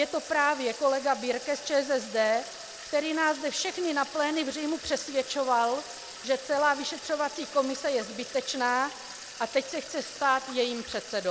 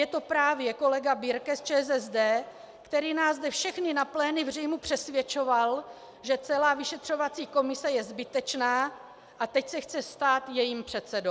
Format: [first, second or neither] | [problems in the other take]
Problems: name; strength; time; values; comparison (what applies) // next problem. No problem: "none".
second | background sound (Sink (filling or washing) / Water tap, faucet); 14 dB below the speech